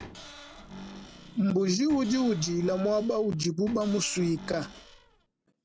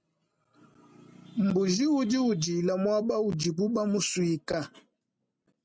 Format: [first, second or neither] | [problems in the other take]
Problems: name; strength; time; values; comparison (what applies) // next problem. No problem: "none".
second | background sound (Cupboard open or close / Door); 17 dB below the speech